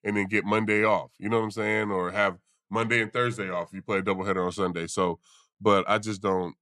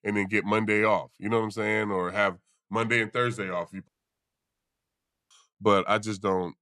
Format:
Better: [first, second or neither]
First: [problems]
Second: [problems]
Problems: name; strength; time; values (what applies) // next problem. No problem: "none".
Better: first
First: none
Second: audio cutting out; at 4 s for 1.5 s